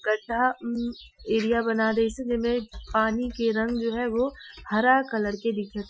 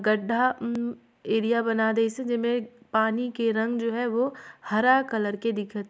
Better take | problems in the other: second | noise reduction (classical method Wiener filter)

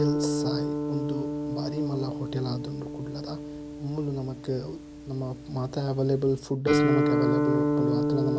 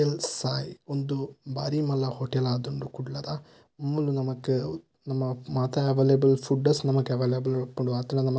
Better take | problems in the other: second | background sound (Guitar); 2 dB above the speech

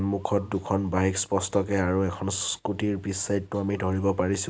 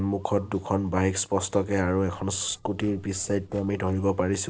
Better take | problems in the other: first | noise reduction (neural separator model SepFormer DNS4)

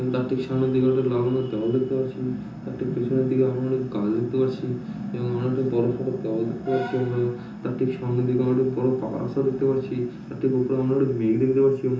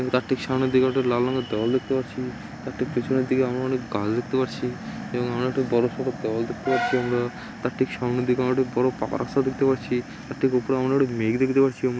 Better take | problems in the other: second | room echo; dies away in 0.6 s

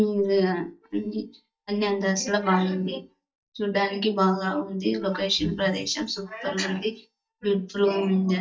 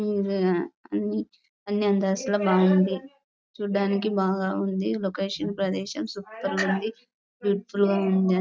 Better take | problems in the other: second | noise reduction (neural mask model DeepFilterNet 3)

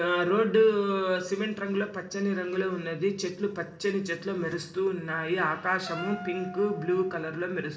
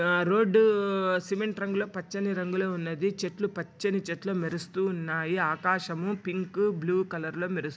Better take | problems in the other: second | background sound (Wind instrument, woodwind instrument); 15 dB below the speech // room echo; dies away in 0.8 s

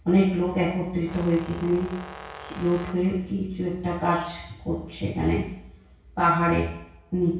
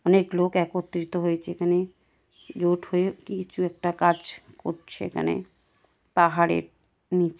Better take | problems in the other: second | background sound (Brass instrument); 16 dB below the speech // room echo; dies away in 0.6 s

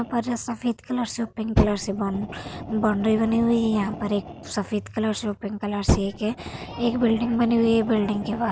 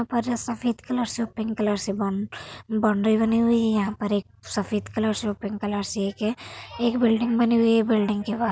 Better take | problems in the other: second | background sound (Fire); 7 dB below the speech

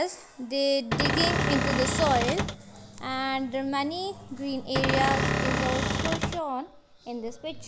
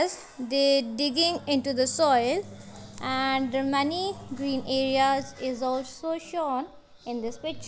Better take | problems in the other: second | background sound (Cupboard open or close / Door); 3 dB above the speech

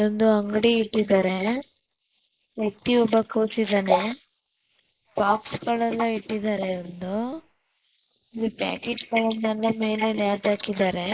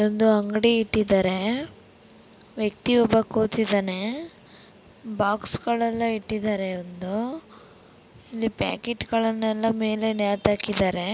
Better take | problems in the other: second | noise reduction (neural mask model Resemble Enhance denoiser)

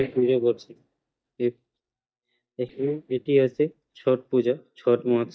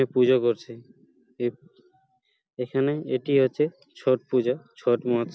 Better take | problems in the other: second | noise reduction (neural mask model DeepFilterNet 3)

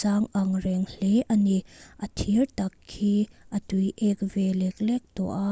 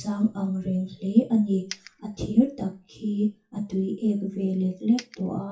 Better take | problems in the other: first | noise reduction (classical method WPE with log-MMSE)

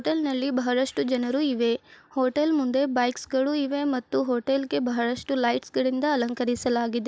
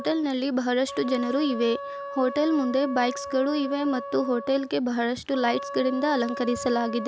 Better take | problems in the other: first | background sound (Wind instrument, woodwind instrument); 11 dB below the speech

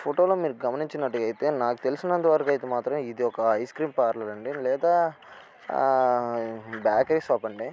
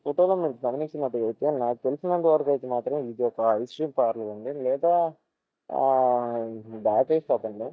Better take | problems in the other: first | noise reduction (neural mask model DeepFilterNet 3)

